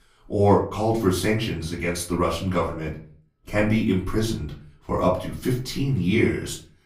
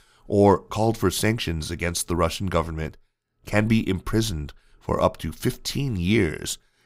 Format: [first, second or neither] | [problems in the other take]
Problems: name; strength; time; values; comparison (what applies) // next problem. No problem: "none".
second | off-mic speech; far // room echo; slight; dies away in 0.4 s